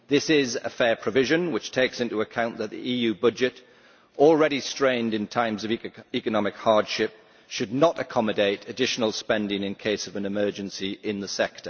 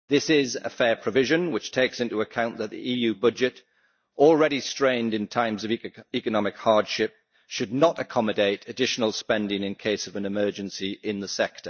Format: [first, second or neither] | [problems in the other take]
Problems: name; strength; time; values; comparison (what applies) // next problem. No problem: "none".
first | noise reduction (neural mask model DeepFilterNet 3)